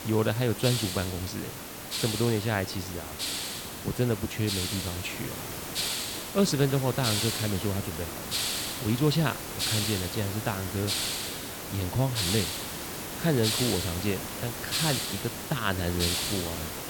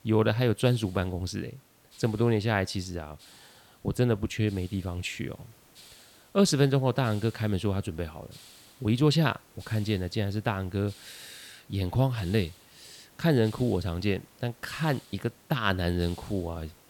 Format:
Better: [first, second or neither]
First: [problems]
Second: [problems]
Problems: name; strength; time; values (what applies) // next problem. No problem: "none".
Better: second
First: hiss; loud; throughout; 1 dB below the speech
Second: hiss; faint; throughout; 25 dB below the speech